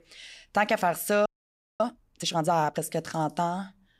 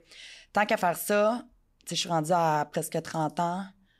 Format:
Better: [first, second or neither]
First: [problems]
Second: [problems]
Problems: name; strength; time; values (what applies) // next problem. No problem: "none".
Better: second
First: audio freezing; at 1.5 s for 0.5 s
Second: none